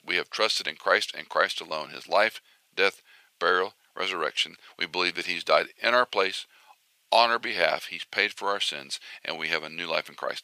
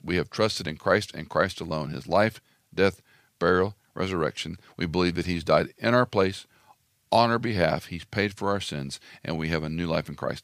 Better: second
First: thin; very; fading below 600 Hz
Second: none

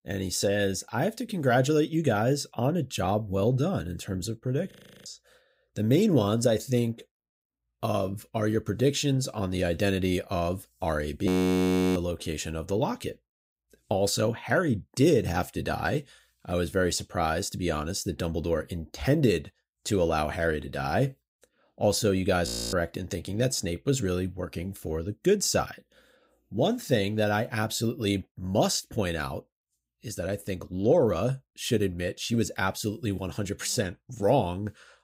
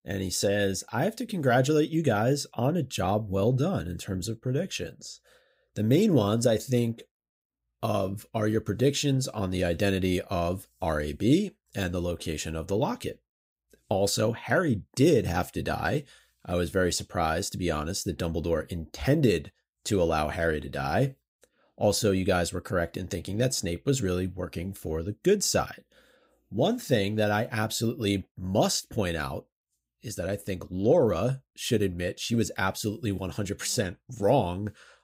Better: second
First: audio freezing; at 4.5 s, at 11 s for 0.5 s and at 22 s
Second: none

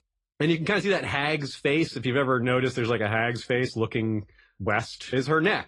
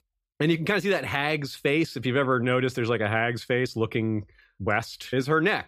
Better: second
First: garbled, watery; slightly; nothing above 10.5 kHz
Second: none

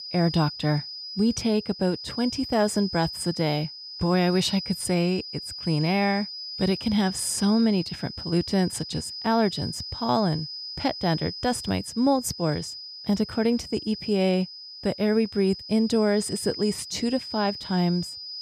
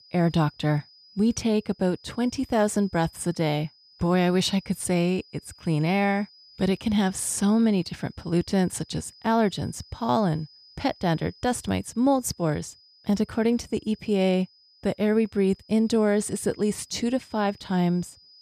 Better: second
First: high-pitched whine; loud; throughout; 5 kHz, 9 dB below the speech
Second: high-pitched whine; faint; throughout; 5 kHz, 25 dB below the speech

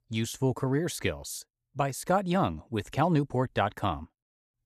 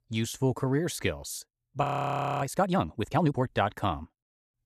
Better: first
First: none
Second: audio freezing; at 2 s for 0.5 s

